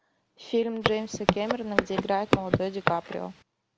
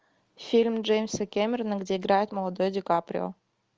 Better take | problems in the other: second | background sound (Walk, footsteps); 2 dB above the speech

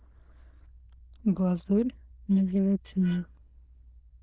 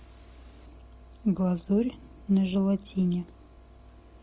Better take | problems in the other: second | noise reduction (neural diffusion model UNIVERSE++)

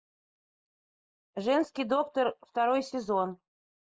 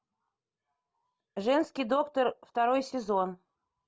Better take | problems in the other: second | noise reduction (neural mask model Resemble Enhance denoiser)

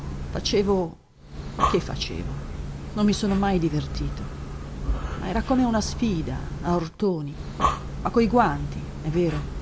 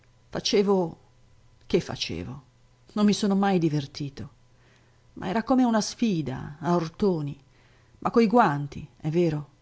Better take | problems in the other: second | background sound (Breathing); 4 dB below the speech

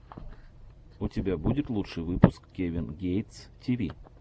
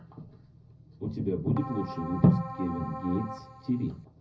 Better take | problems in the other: first | background sound (Keyboard (musical)); 11 dB below the speech // room echo; dies away in 0.4 s

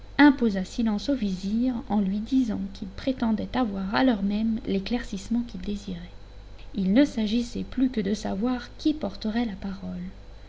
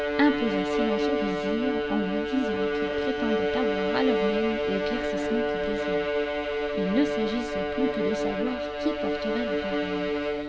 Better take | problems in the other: first | background sound (Bowed string instrument); 3 dB above the speech

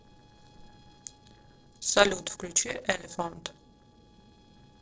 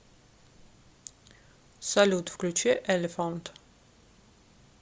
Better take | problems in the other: second | noise reduction (neural separator model SepFormer DNS4)

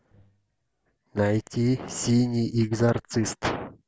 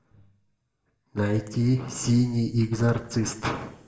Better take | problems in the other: first | room echo; dies away in 0.8 s

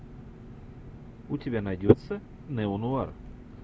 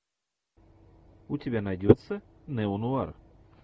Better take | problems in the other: second | background sound (Engine); 15 dB below the speech

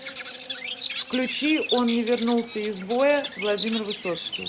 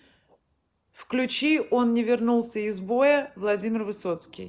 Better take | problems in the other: second | background sound (Bird vocalization, bird call, bird song); 8 dB below the speech

